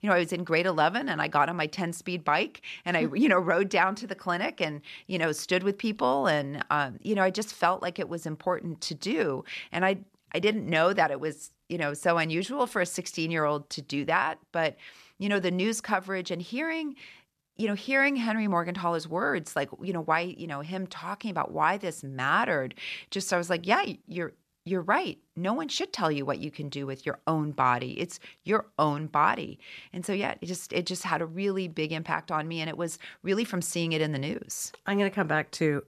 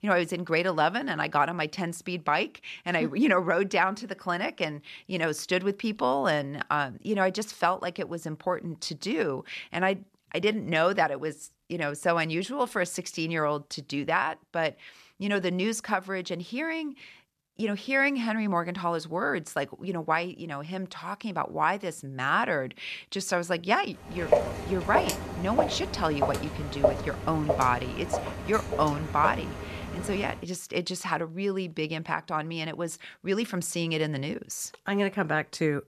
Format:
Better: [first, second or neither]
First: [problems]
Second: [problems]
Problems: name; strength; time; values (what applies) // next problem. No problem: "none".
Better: first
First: none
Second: footsteps; loud; from 24 to 29 s; peak 4 dB above the speech